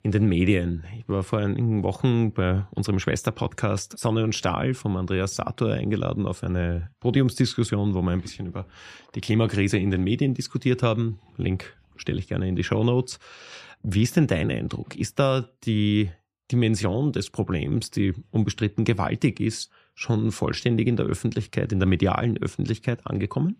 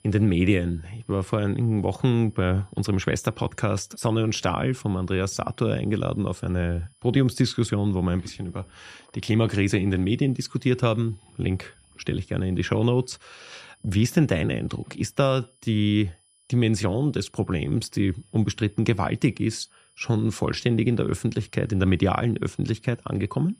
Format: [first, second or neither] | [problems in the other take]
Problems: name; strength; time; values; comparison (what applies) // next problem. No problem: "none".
first | high-pitched whine; faint; throughout; 10 kHz, 35 dB below the speech